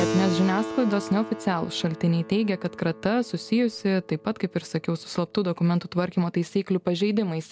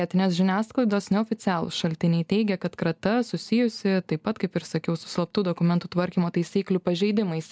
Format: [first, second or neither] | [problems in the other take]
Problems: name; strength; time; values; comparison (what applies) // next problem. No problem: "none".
second | background sound (Keyboard (musical)); 11 dB below the speech